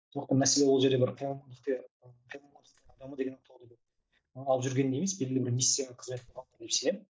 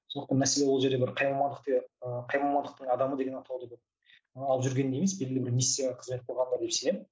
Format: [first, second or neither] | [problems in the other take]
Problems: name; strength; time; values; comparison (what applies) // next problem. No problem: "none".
second | noise reduction (neural mask model DeepFilterNet 3)